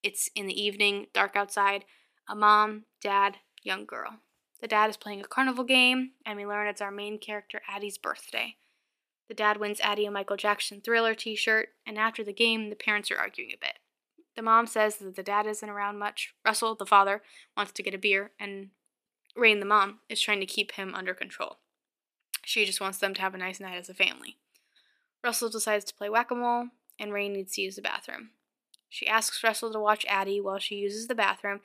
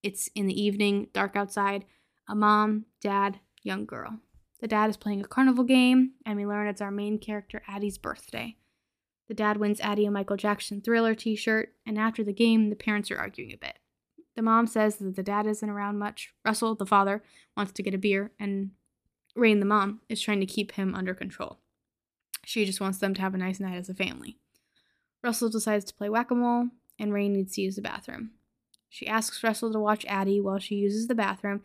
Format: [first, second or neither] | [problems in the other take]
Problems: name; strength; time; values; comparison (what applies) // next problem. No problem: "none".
second | thin; somewhat; fading below 500 Hz